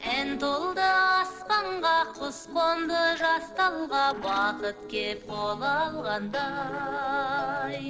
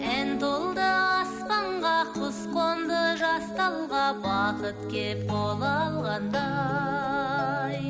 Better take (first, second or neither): second